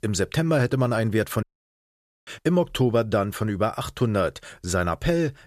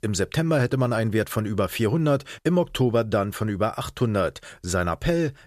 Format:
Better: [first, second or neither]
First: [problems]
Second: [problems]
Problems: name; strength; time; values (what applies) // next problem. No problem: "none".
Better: second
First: audio cutting out; at 1.5 s for 1 s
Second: none